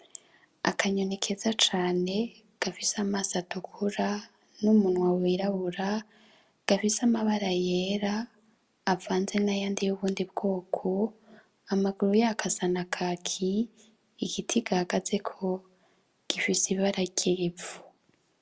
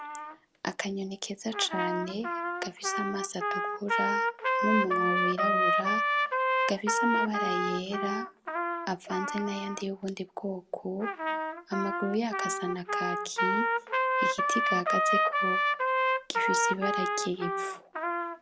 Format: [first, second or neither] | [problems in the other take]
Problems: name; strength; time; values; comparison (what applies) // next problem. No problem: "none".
first | background sound (Trumpet); 4 dB above the speech